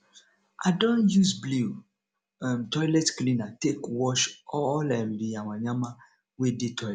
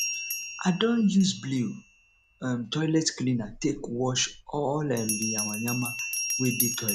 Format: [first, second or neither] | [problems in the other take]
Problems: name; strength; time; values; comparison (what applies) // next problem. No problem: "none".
first | background sound (Bell); 7 dB below the speech